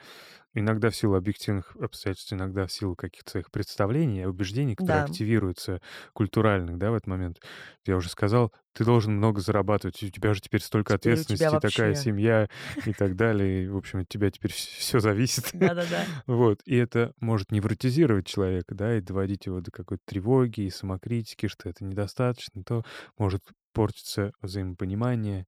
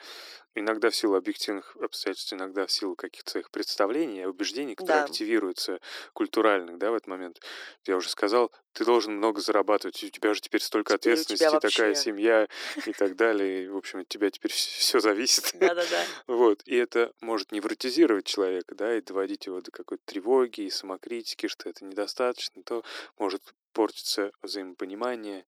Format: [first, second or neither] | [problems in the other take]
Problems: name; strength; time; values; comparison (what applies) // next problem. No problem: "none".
first | thin; very; fading below 300 Hz